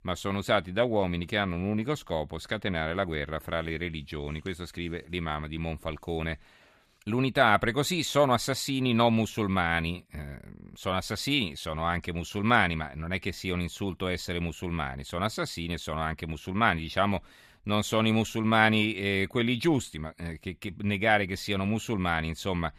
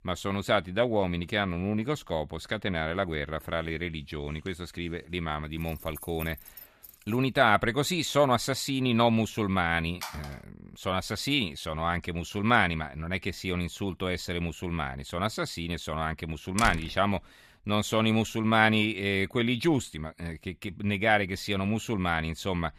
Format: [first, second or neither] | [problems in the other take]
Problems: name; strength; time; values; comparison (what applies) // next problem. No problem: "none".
first | jangling keys; faint; from 5.5 to 7 s; peak 15 dB below the speech // phone ringing; faint; at 10 s; peak 10 dB below the speech // door banging; noticeable; at 17 s; peak 6 dB below the speech